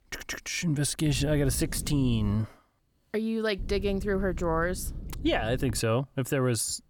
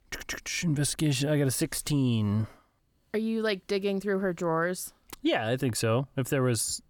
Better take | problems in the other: second | low rumble; faint; from 1 to 2.5 s and from 3.5 to 6 s; 20 dB below the speech

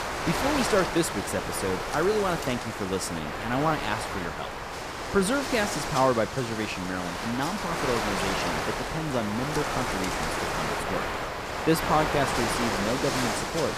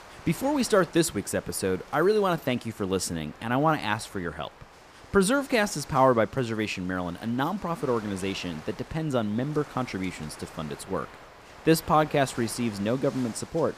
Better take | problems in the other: second | wind noise on the microphone; heavy; as loud as the speech; occasional gusts in the second

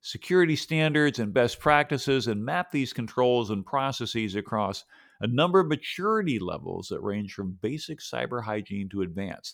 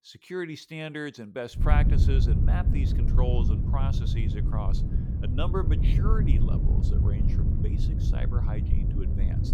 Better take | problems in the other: first | wind noise on the microphone; heavy; from 1.5 s on; 3 dB below the speech

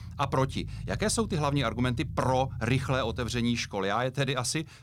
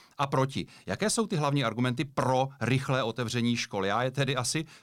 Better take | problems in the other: second | low rumble; faint; throughout; 25 dB below the speech

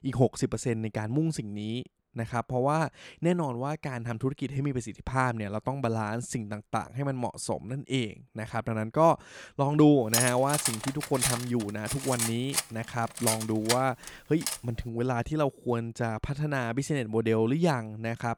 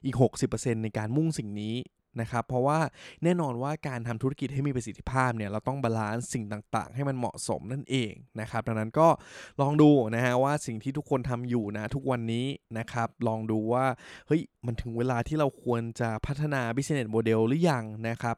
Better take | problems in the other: second | clattering dishes; loud; from 10 to 15 s; peak 3 dB above the speech

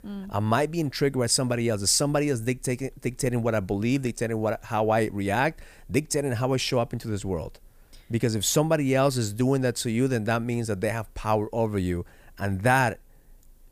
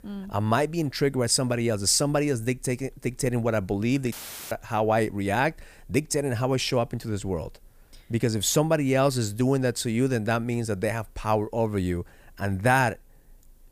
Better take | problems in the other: first | audio cutting out; filled with static; at 4 s

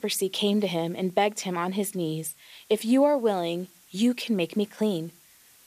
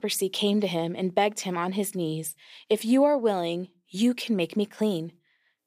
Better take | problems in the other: second | hiss; faint; throughout; 30 dB below the speech

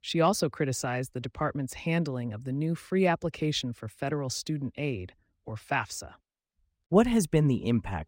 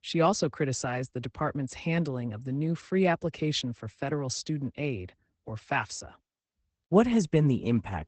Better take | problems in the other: first | garbled, watery; badly; nothing above 8 kHz

